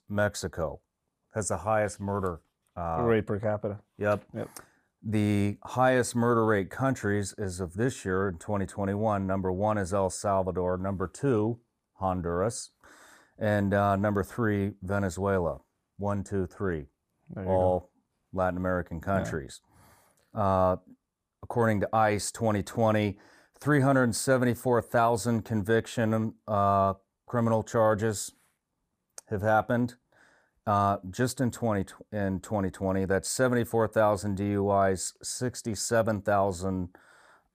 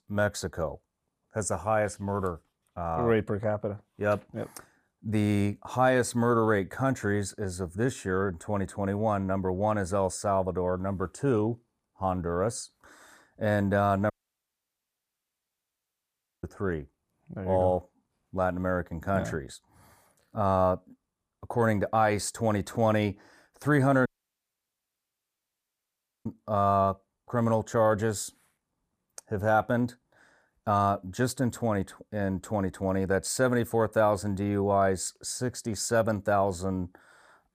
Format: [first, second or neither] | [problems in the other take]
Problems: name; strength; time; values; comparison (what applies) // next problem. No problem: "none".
first | audio cutting out; at 14 s for 2.5 s and at 24 s for 2 s